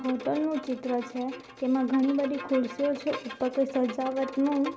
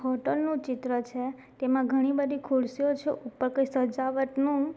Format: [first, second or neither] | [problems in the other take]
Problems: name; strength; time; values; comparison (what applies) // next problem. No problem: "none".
second | background sound (Bowed string instrument); 14 dB below the speech // room echo; dies away in 0.5 s